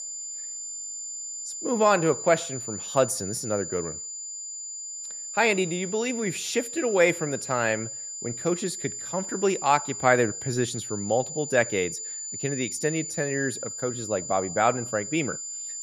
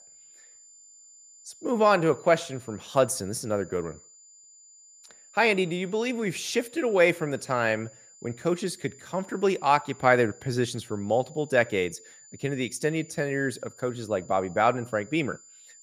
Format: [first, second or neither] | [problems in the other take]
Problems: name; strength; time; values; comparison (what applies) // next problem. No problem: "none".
second | high-pitched whine; loud; throughout; 7 kHz, 7 dB below the speech; faint in the second